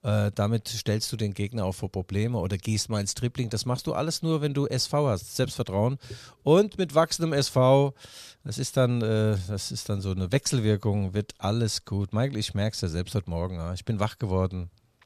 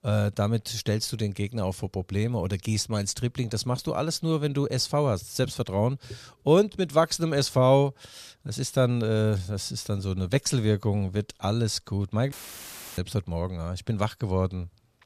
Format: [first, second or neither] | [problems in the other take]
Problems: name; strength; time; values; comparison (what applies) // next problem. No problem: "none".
first | audio cutting out; filled with static; at 12 s for 0.5 s